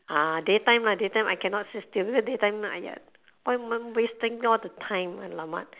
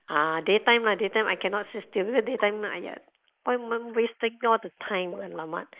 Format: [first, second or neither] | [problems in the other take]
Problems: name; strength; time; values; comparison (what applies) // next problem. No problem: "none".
first | noise reduction (neural mask model Resemble Enhance denoiser)